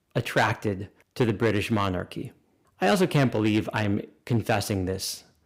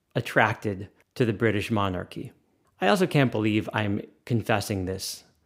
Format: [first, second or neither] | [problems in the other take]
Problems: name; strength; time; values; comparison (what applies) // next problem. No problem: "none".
second | distortion; slight; 3% of the sound clipped